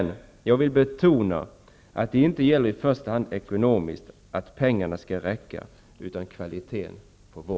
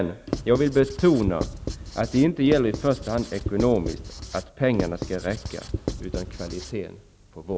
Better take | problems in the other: first | background sound (Writing); 8 dB below the speech

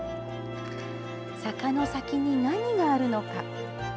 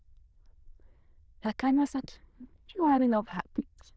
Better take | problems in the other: first | noise reduction (neural diffusion model UNIVERSE++)

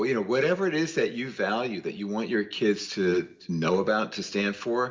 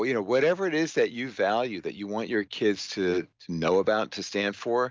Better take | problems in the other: second | room echo; dies away in 0.6 s

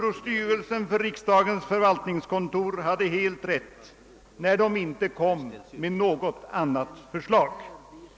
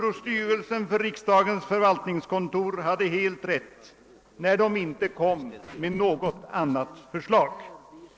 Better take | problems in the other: first | noise reduction (neural separator model SepFormer DNS4)

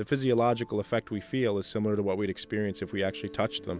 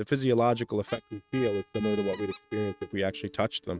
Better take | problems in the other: first | noise reduction (neural mask model RNNoise)

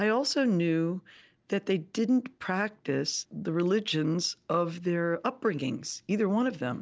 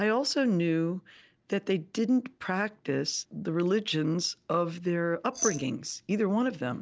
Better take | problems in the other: first | background sound (Glass); 4 dB below the speech

